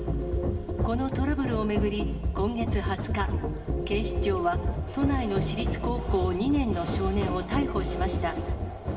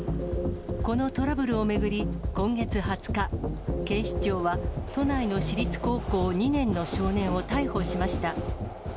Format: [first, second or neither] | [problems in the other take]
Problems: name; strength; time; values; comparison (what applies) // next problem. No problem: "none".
second | background sound (Hammer); 11 dB below the speech // room echo; dies away in 1.9 s